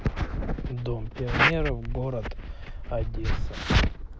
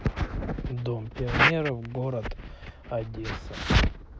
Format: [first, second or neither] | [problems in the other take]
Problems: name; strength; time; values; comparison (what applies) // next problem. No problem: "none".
second | background sound (Wind); 5 dB below the speech